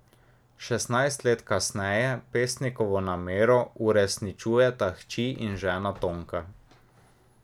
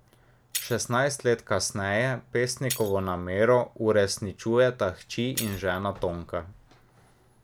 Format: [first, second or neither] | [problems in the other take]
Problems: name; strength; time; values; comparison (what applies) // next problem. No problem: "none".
first | background sound (Shatter); 15 dB below the speech